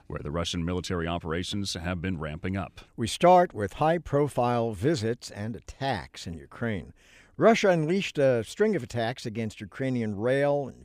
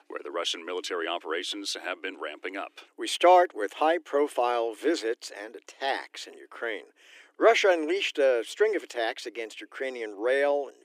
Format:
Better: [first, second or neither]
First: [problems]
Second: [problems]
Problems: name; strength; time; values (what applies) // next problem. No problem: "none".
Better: first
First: none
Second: thin; very; fading below 300 Hz